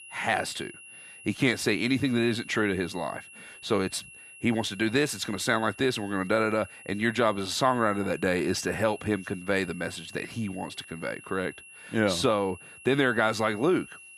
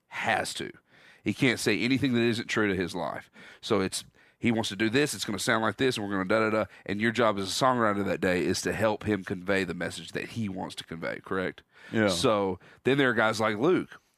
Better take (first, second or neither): second